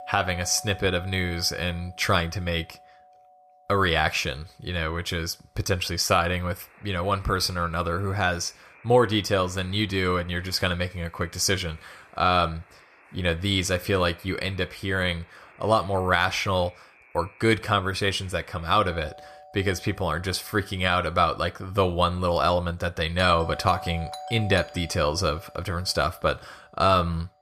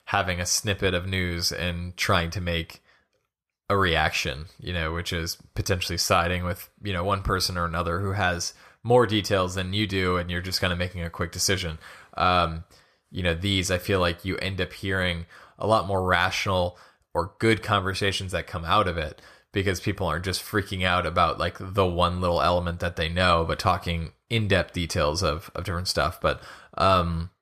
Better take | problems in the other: second | alarms or sirens; faint; throughout; 20 dB below the speech

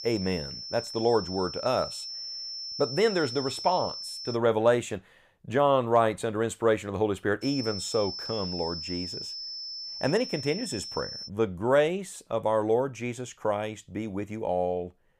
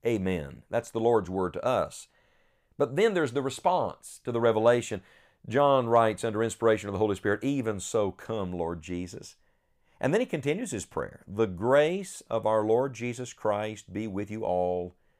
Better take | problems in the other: second | high-pitched whine; loud; until 4.5 s and from 7.5 to 11 s; 5.5 kHz, 7 dB below the speech

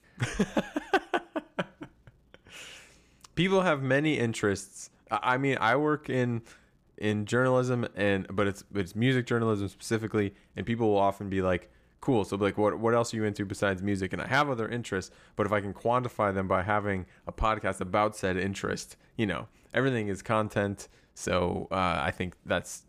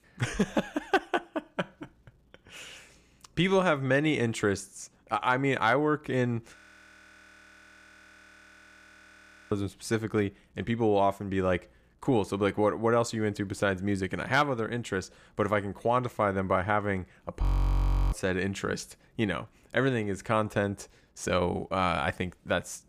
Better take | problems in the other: first | audio freezing; at 6.5 s for 3 s and at 17 s for 0.5 s

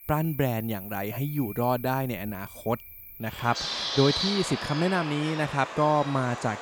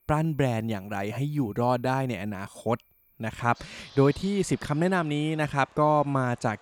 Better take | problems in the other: second | animal sounds; loud; throughout; 6 dB below the speech; faint in the second

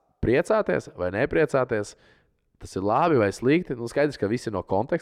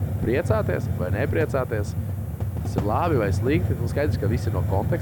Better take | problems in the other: first | hiss; loud; throughout; as loud as the speech

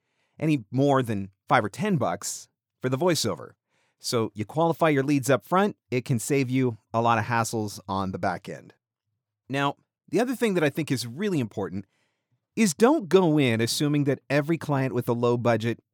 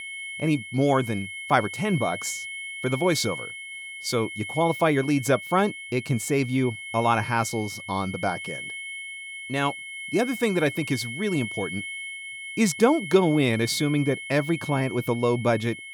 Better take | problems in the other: first | high-pitched whine; loud; throughout; 2 kHz, 9 dB below the speech

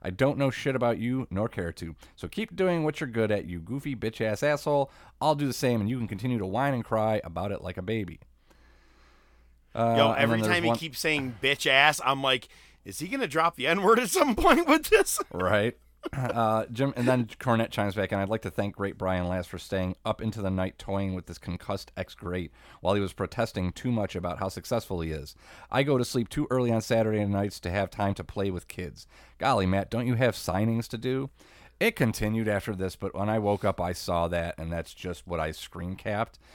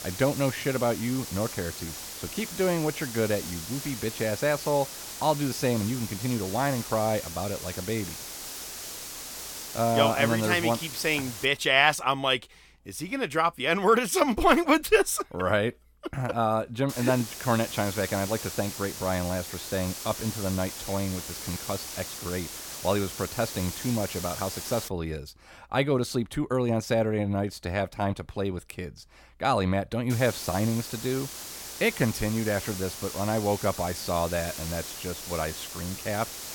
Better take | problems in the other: first | hiss; loud; until 11 s, from 17 to 25 s and from 30 s on; 9 dB below the speech

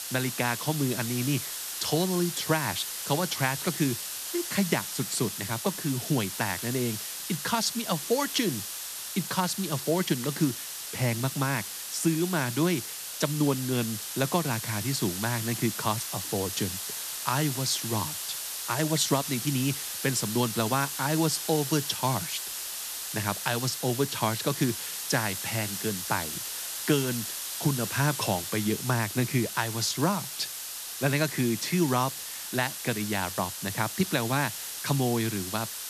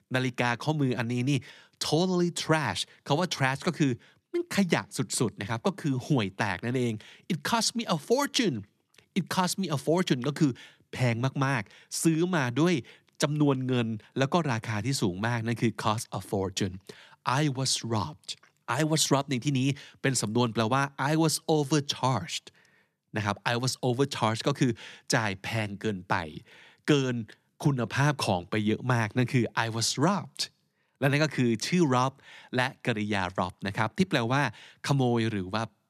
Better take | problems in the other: second | hiss; loud; throughout; 4 dB below the speech

